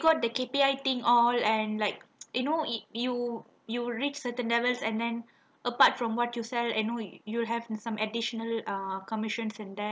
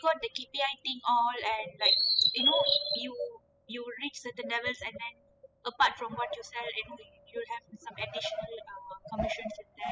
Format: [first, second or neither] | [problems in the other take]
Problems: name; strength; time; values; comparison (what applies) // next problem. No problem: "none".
first | noise reduction (classical method spectral subtraction)